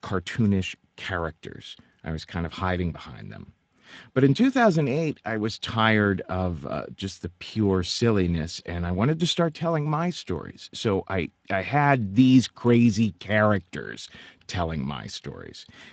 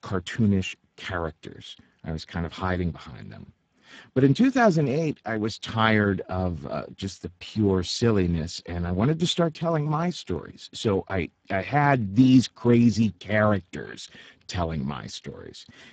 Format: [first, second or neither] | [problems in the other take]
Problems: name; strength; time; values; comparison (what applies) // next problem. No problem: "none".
first | garbled, watery; badly; nothing above 7.5 kHz; slightly in the first